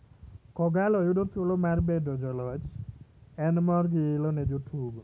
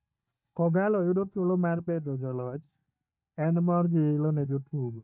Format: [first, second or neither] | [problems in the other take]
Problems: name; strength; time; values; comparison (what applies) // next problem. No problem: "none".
first | noise reduction (neural mask model DeepFilterNet 3)